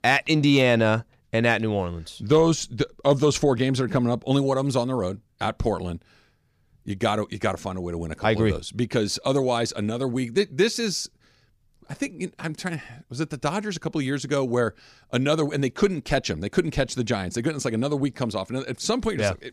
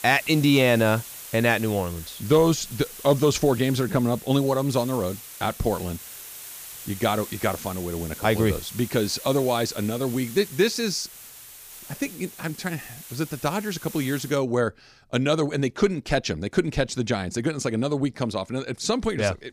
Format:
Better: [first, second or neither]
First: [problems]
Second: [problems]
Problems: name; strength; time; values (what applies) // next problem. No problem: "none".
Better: first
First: none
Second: hiss; noticeable; until 14 s; 15 dB below the speech